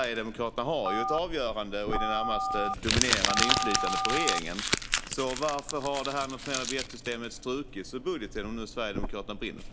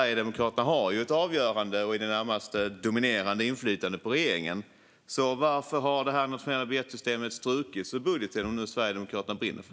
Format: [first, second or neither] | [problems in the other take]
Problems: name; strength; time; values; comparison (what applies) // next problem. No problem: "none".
second | background sound (Crumpling, crinkling + Telephone); 1 dB above the speech